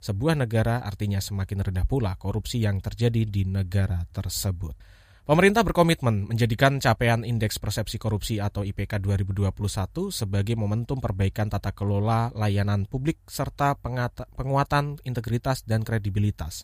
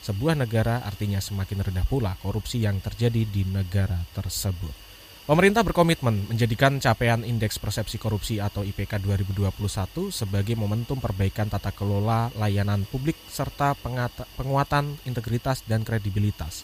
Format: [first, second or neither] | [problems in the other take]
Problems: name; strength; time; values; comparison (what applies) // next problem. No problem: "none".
first | hiss; noticeable; throughout; 20 dB below the speech